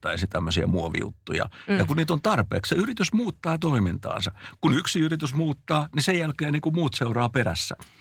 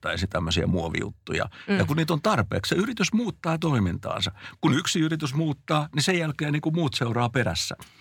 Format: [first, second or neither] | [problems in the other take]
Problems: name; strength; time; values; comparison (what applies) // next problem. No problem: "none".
second | garbled, watery; slightly; nothing above 16.5 kHz